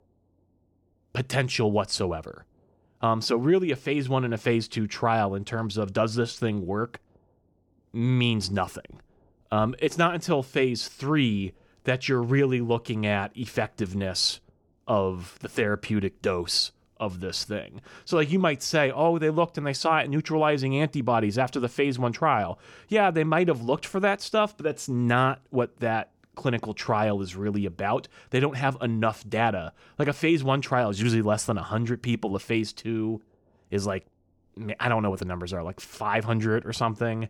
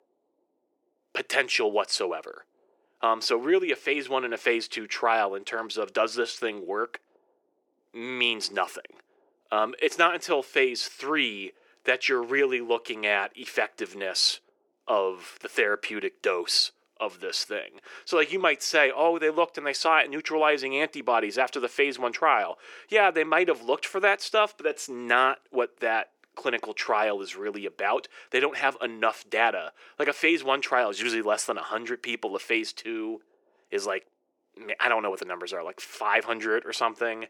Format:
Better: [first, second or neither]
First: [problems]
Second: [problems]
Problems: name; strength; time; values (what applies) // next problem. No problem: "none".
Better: first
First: none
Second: thin; very; fading below 350 Hz